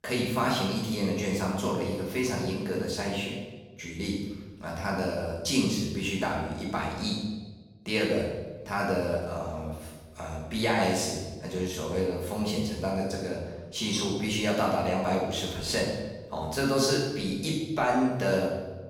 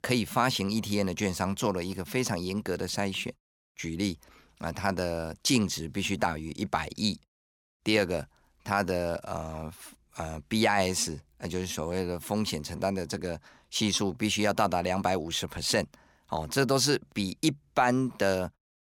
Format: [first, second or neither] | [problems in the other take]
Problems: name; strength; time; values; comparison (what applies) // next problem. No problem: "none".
second | off-mic speech; far // room echo; noticeable; dies away in 1.1 s